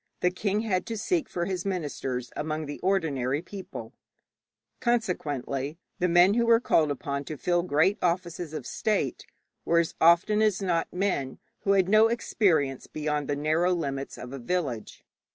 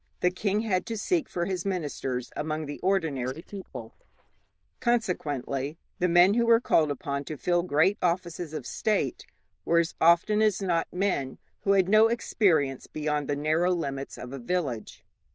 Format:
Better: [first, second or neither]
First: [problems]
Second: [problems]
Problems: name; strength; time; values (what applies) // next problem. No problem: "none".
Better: first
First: none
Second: noise reduction (neural diffusion model UNIVERSE++)